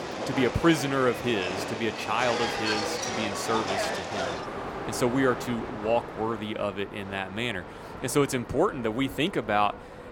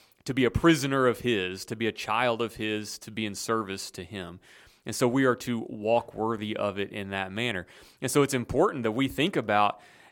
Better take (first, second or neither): second